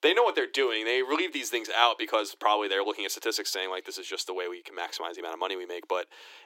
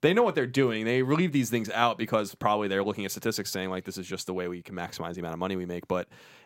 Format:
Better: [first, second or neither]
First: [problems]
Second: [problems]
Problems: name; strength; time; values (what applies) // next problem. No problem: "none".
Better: second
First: thin; very; fading below 300 Hz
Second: none